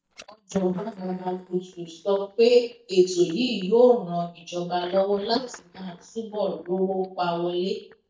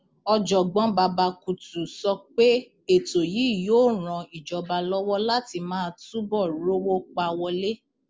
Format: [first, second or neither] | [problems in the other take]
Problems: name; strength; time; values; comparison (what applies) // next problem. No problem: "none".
second | noise reduction (neural mask model DeepFilterNet 3)